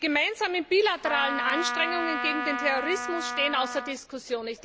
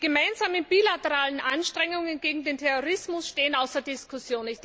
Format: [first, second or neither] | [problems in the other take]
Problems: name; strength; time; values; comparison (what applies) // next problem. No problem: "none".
second | background sound (Trumpet); 5 dB below the speech